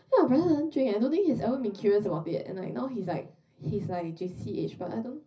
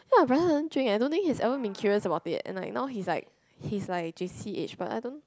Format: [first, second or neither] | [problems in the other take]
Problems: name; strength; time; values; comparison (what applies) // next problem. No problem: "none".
second | room echo; dies away in 0.4 s